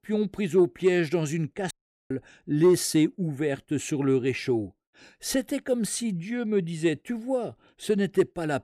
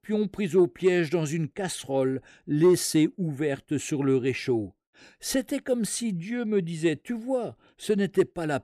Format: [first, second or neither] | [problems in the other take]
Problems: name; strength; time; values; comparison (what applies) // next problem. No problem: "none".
second | audio cutting out; at 1.5 s